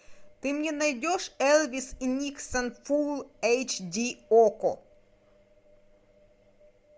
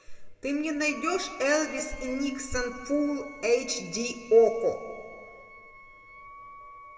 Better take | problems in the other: first | background sound (Wind instrument, woodwind instrument); 18 dB below the speech // room echo; dies away in 2.1 s

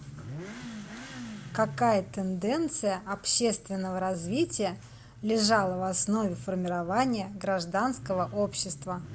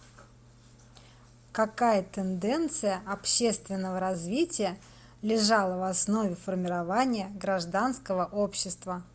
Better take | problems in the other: second | background sound (Motorcycle / Accelerating, revving, vroom); 14 dB below the speech

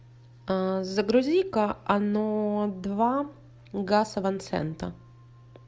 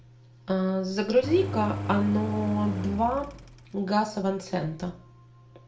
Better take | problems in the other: first | background sound (Engine); 7 dB below the speech // room echo; dies away in 0.4 s

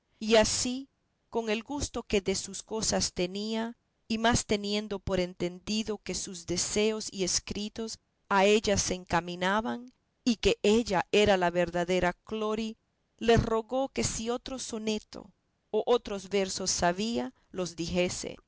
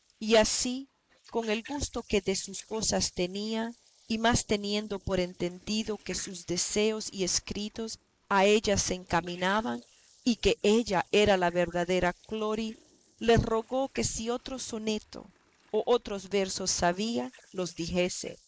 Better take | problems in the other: first | noise reduction (neural mask model Resemble Enhance denoiser)

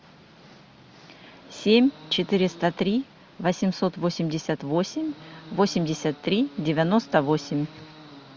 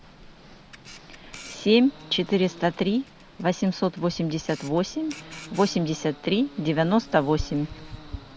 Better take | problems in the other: first | background sound (Camera); 18 dB below the speech

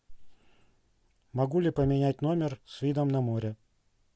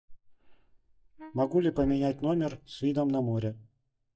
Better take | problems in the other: first | noise reduction (neural mask model DeepFilterNet 3)

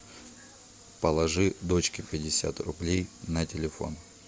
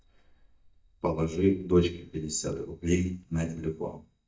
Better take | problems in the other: first | noise reduction (neural mask model DeepFilterNet 3)

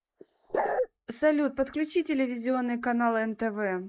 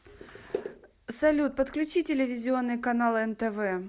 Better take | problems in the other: second | noise reduction (neural mask model Resemble Enhance denoiser)

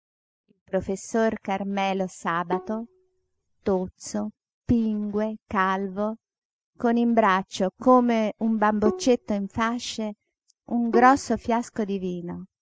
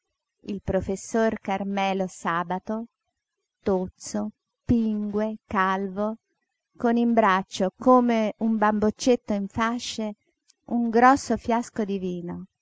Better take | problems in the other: second | noise reduction (neural mask model DeepFilterNet 3)

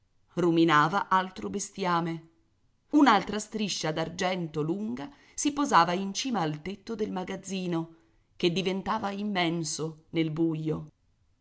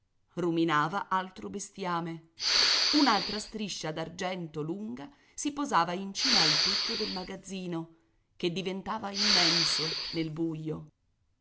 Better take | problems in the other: first | background sound (Respiratory sounds); 4 dB above the speech

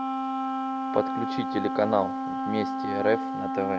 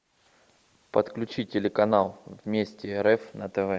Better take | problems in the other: second | background sound (Wind instrument, woodwind instrument); as loud as the speech

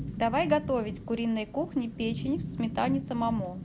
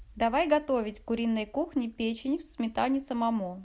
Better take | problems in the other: second | background sound (Rain / Thunderstorm); 7 dB below the speech

